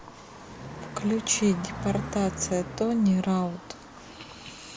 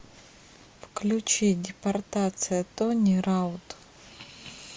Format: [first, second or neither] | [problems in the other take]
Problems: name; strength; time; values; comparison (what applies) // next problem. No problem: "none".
second | background sound (Car passing by); 11 dB below the speech